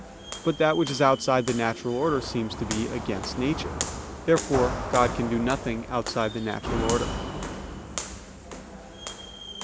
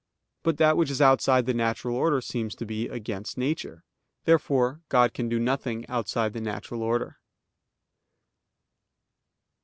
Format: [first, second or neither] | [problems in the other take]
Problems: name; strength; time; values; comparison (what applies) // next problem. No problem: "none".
second | background sound (Walk, footsteps); 7 dB below the speech